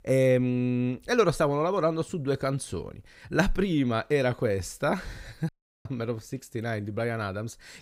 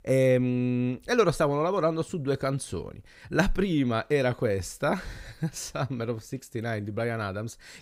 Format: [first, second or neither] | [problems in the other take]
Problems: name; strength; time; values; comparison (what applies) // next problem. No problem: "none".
second | audio cutting out; at 5.5 s